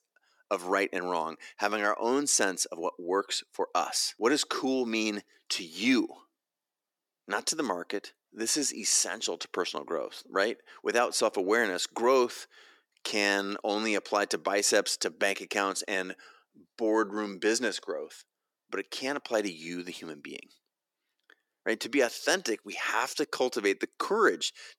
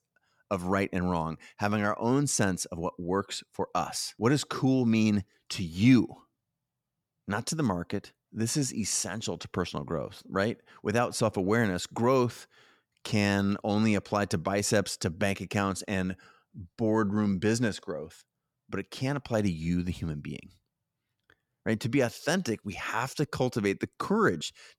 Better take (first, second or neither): second